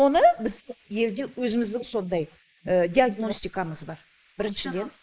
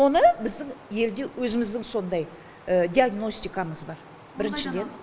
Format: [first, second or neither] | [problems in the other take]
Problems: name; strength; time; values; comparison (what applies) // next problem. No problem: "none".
second | noise reduction (neural mask model Resemble Enhance denoiser)